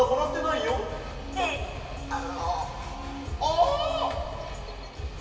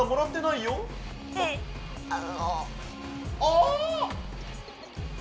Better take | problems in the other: second | room echo; dies away in 2.6 s

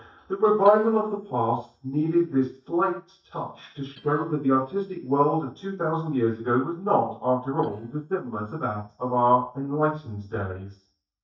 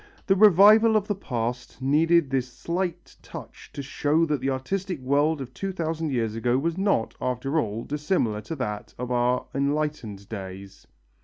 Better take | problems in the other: second | noise reduction (neural mask model DeepFilterNet 3)

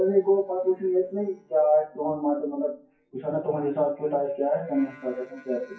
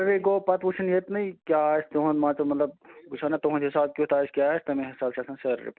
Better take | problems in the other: second | noise reduction (classical method WPE with log-MMSE)

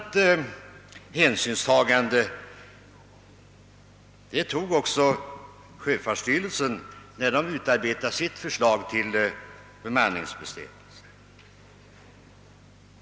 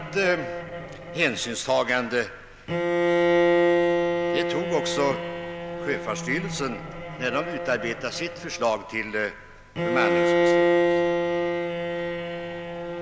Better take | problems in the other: first | background sound (Bowed string instrument); 4 dB above the speech

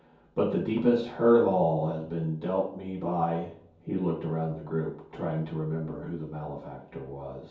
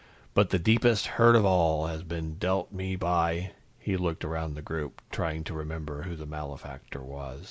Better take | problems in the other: second | room echo; dies away in 0.6 s

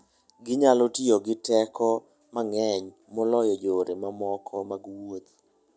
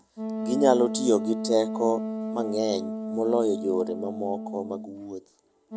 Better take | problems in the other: first | background sound (Wind instrument, woodwind instrument); 6 dB below the speech

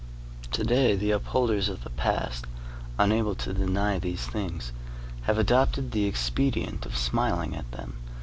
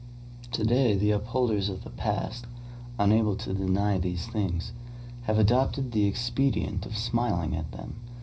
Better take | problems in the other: first | room echo; dies away in 0.4 s

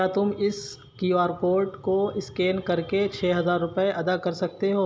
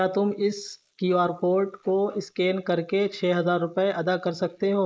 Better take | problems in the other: first | noise reduction (neural mask model Resemble Enhance denoiser)

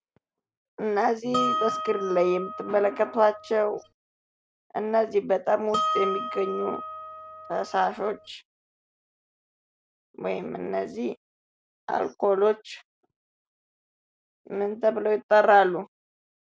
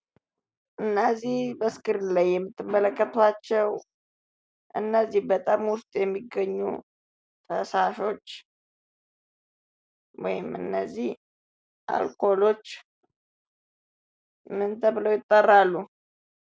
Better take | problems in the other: second | background sound (Harp); 5 dB below the speech

